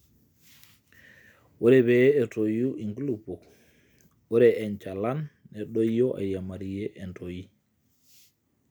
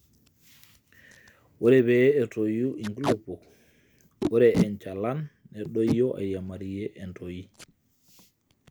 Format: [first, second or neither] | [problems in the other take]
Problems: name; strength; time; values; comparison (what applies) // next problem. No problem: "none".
first | background sound (Packing tape, duct tape); 9 dB below the speech